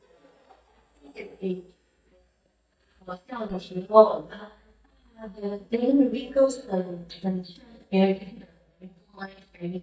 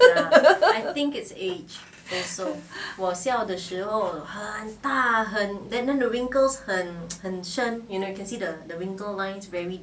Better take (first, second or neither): second